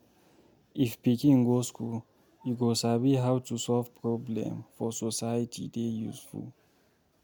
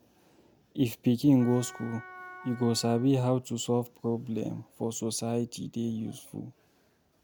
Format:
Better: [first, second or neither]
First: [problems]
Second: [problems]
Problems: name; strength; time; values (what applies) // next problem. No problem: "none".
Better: first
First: none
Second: background sound (Wind instrument, woodwind instrument); 18 dB below the speech